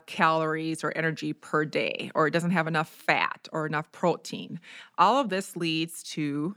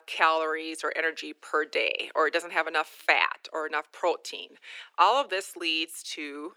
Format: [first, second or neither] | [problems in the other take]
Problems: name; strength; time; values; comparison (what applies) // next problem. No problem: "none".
first | thin; very; fading below 350 Hz